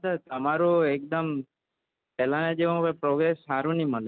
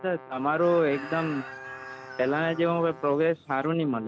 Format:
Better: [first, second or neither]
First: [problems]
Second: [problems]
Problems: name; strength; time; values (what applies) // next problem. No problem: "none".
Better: first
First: none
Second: background sound (Brass instrument + Chicken, rooster); 16 dB below the speech